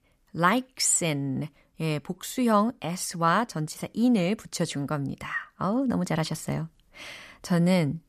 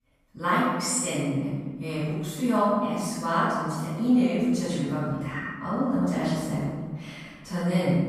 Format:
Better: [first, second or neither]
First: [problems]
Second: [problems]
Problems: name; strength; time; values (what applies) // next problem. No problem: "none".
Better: first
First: none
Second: off-mic speech; far // room echo; strong; dies away in 1.4 s